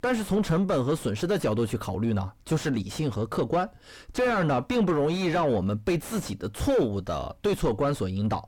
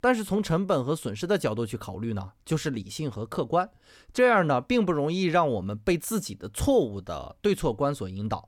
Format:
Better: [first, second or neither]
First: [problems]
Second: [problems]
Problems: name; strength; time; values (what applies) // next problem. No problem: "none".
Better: second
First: distortion; heavy; 5 dB below the speech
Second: none